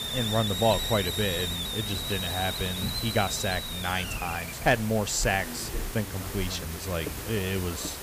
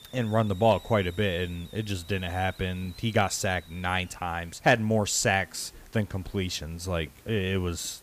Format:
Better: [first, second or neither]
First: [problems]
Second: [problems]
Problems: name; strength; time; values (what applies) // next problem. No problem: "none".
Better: second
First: hiss; loud; throughout; 3 dB below the speech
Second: hiss; faint; throughout; 20 dB below the speech